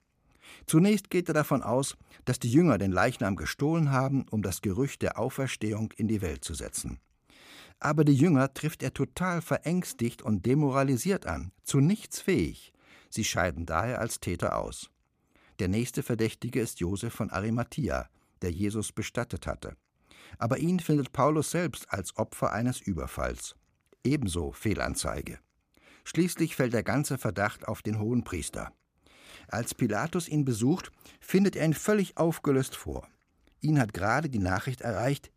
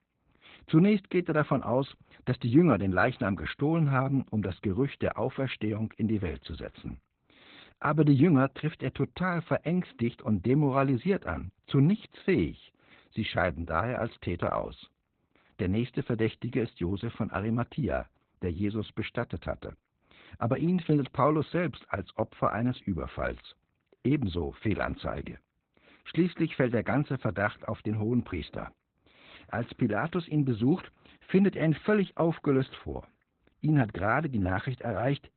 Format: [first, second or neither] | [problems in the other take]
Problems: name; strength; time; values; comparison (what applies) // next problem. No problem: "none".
first | garbled, watery; badly; nothing above 4 kHz